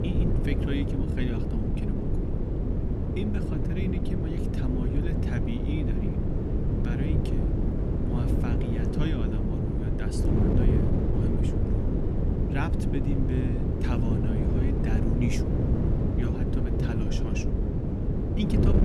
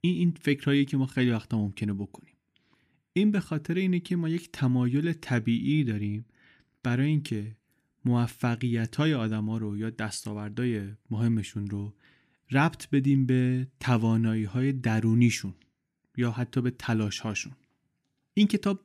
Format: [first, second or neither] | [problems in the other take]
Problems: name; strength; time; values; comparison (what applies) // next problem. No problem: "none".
second | wind noise on the microphone; heavy; 4 dB above the speech